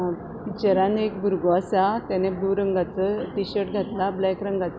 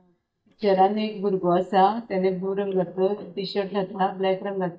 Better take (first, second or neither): first